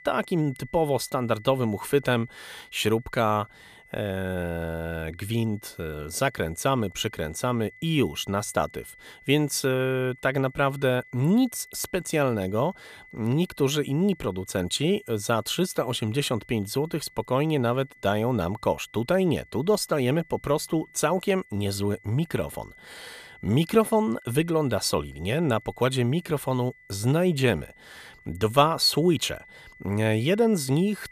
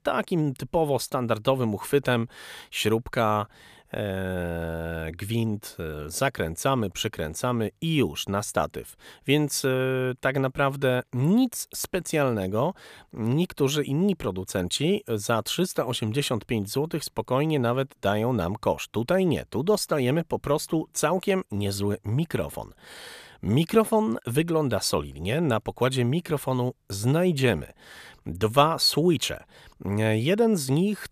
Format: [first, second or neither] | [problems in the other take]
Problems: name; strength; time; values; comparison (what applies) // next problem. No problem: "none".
second | high-pitched whine; faint; throughout; 2 kHz, 25 dB below the speech